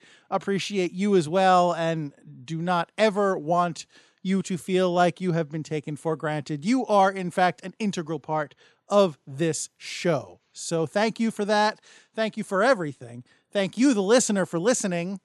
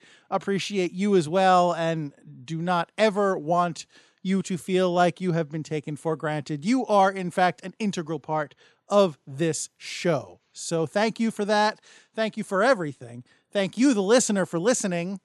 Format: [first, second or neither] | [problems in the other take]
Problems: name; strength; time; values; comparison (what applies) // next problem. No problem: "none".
neither | none